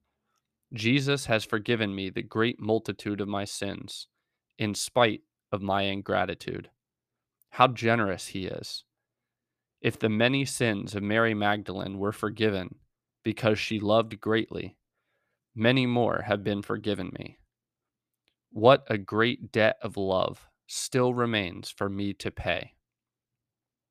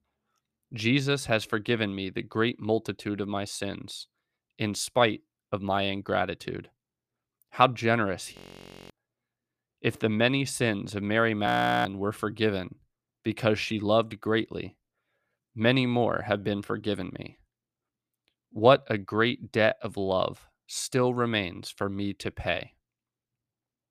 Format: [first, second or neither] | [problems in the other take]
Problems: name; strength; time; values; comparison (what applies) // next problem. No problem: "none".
first | audio freezing; at 8.5 s for 0.5 s and at 11 s